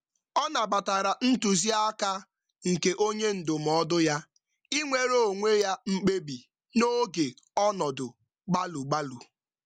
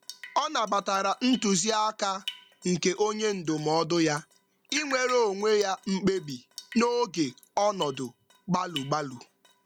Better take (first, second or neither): first